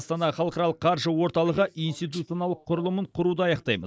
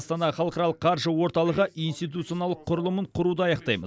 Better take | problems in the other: second | noise reduction (neural mask model DeepFilterNet 3)

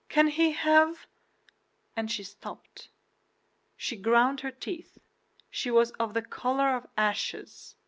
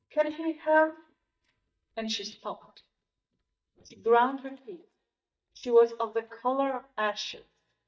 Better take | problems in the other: first | noise reduction (neural mask model DeepFilterNet 3)

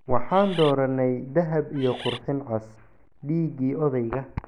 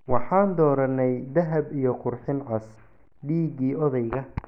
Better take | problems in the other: second | background sound (Bird); 13 dB below the speech

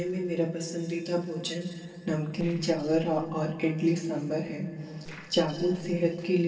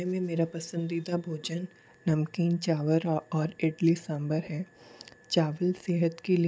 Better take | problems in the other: second | noise reduction (neural separator model SepFormer DNS4)

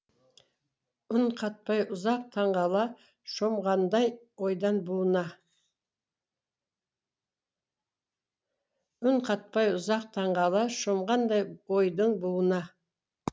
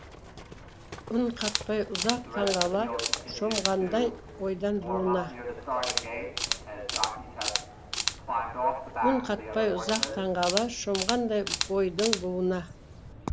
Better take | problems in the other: first | background sound (Livestock, farm animals, working animals + Camera); 2 dB below the speech

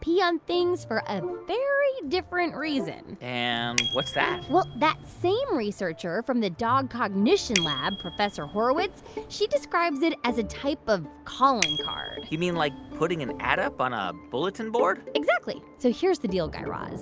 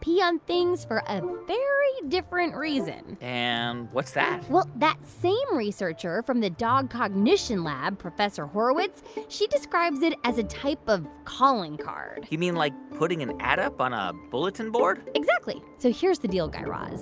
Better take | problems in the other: second | background sound (Bicycle bell); 9 dB below the speech

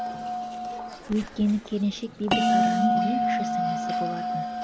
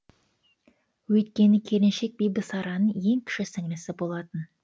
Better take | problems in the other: second | background sound (Bell); 4 dB above the speech

